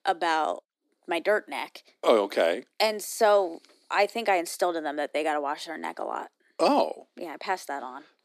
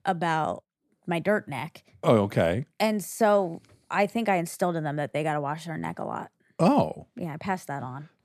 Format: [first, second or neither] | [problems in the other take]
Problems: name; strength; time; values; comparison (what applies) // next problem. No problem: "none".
second | thin; somewhat; fading below 300 Hz